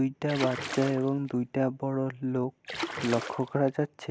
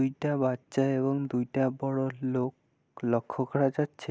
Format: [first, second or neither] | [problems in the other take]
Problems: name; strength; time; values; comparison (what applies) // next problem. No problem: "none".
second | background sound (Splash, splatter); 9 dB below the speech